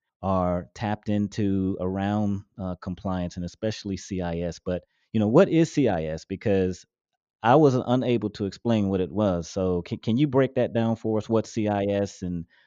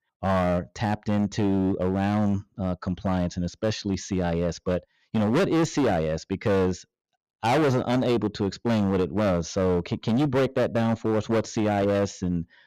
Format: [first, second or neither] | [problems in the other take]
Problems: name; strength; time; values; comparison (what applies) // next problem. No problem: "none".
first | distortion; heavy; 16% of the sound clipped